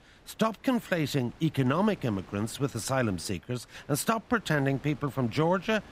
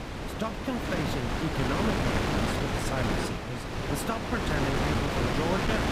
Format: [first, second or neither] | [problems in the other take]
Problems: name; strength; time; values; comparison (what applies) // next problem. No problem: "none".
first | wind noise on the microphone; heavy; 5 dB above the speech; occasional gusts in the first